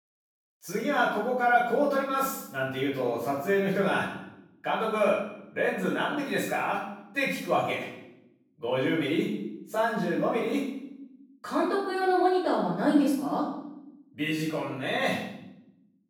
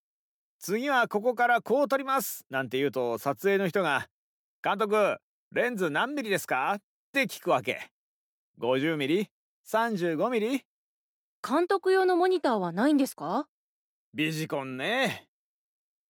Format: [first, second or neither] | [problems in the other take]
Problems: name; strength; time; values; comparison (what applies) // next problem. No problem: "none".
second | room echo; noticeable; dies away in 0.7 s // off-mic speech; far